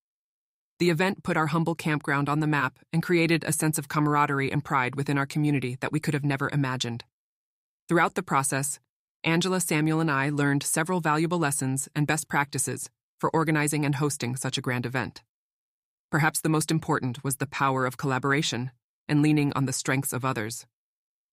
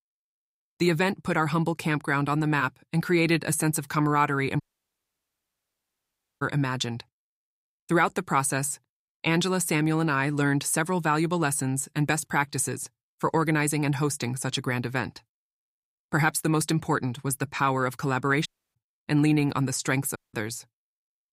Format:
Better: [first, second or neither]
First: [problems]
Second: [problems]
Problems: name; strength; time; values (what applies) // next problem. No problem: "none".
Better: first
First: none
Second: audio cutting out; at 4.5 s for 2 s, at 18 s and at 20 s